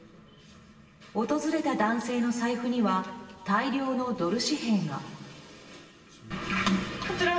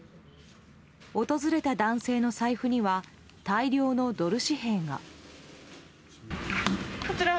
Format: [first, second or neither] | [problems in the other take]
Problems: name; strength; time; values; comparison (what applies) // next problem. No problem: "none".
second | room echo; dies away in 1.4 s